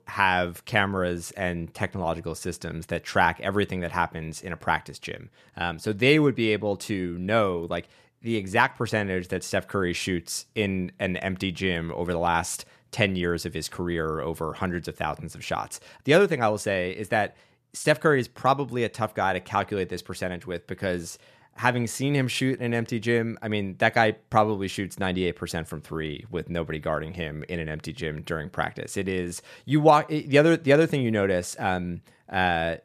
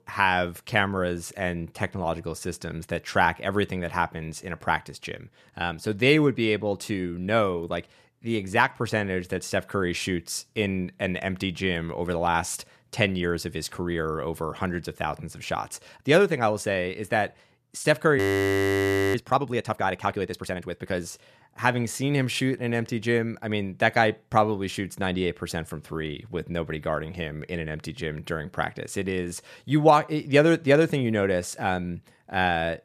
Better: first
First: none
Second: audio freezing; at 18 s for 1 s

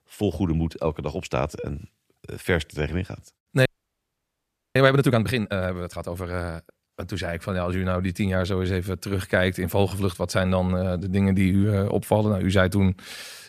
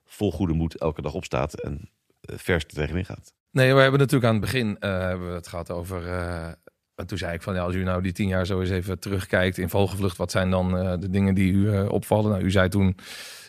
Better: second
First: audio freezing; at 3.5 s for 1 s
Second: none

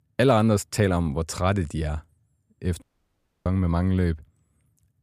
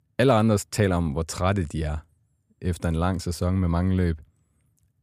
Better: second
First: audio cutting out; at 3 s for 0.5 s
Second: none

